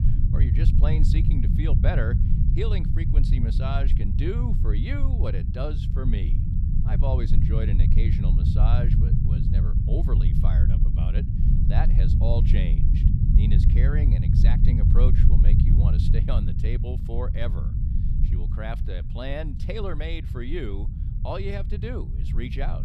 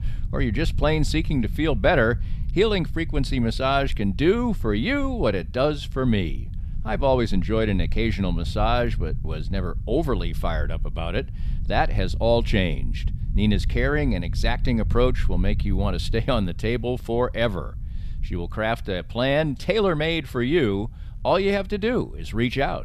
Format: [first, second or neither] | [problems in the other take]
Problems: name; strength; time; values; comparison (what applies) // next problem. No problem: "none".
second | low rumble; loud; throughout; 2 dB below the speech; faint in the second